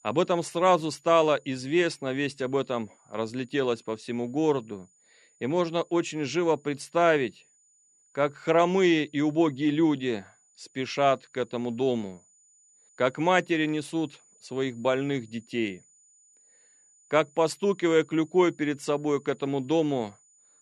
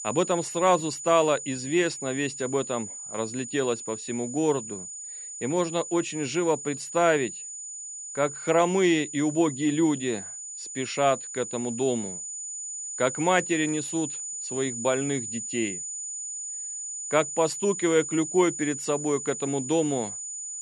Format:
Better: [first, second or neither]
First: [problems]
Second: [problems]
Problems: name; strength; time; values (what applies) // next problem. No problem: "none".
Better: first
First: high-pitched whine; faint; throughout; 7 kHz, 35 dB below the speech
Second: high-pitched whine; loud; throughout; 7 kHz, 7 dB below the speech